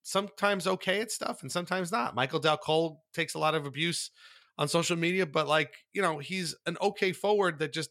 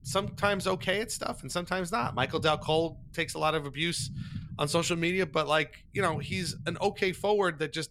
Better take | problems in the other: first | low rumble; faint; throughout; 25 dB below the speech

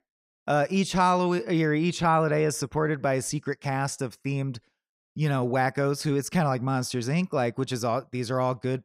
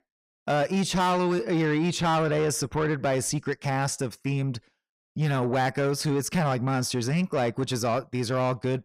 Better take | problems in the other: first | distortion; slight; 10 dB below the speech

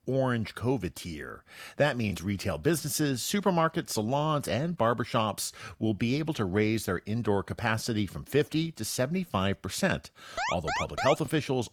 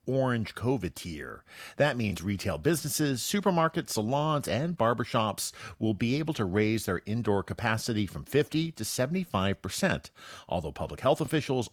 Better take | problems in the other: second | alarm; noticeable; at 10 s; peak 2 dB below the speech

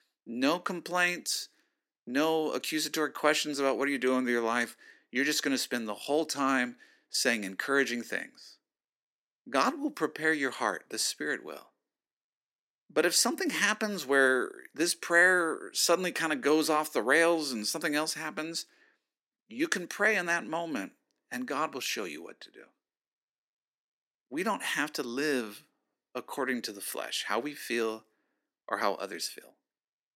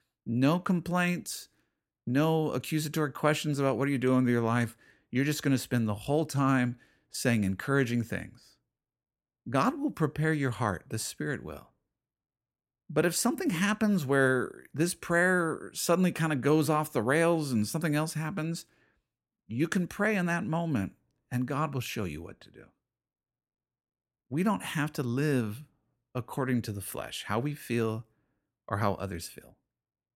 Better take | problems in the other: second | thin; somewhat; fading below 300 Hz

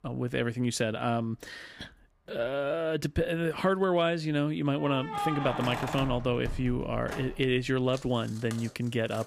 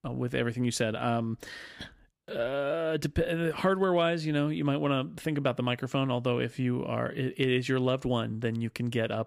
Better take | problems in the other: second | household noises; loud; throughout; 9 dB below the speech

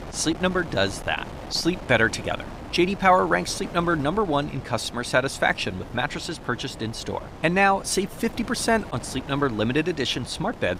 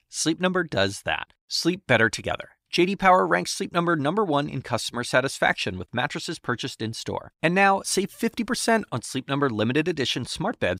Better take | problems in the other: second | wind noise on the microphone; occasional gusts; 15 dB below the speech

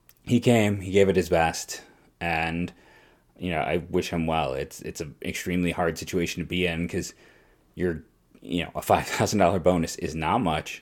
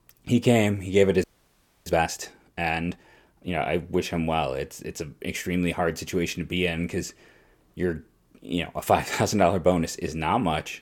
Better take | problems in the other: first | audio freezing; at 1 s for 0.5 s

